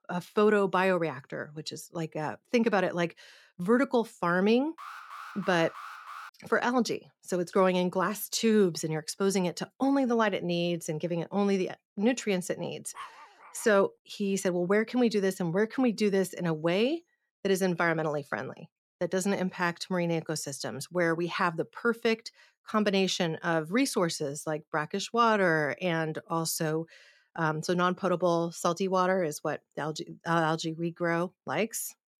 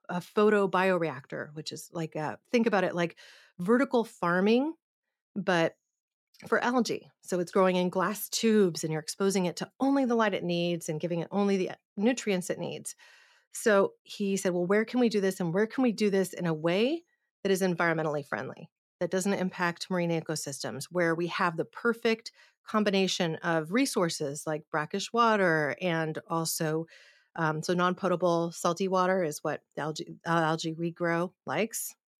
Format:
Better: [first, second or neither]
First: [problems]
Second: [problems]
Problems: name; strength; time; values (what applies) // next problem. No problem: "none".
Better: second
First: alarm; faint; from 5 to 6.5 s; peak 15 dB below the speech // dog barking; faint; at 13 s; peak 15 dB below the speech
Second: none